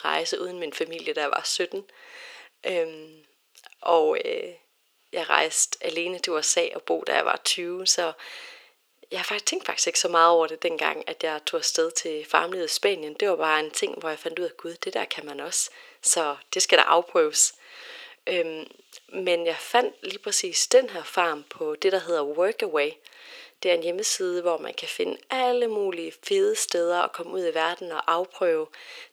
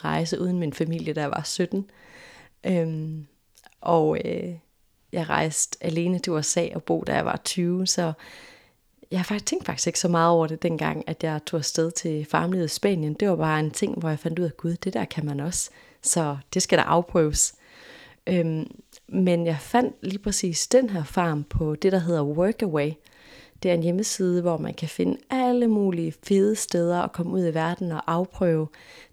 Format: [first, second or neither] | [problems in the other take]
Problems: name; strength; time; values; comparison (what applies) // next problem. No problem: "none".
second | thin; very; fading below 400 Hz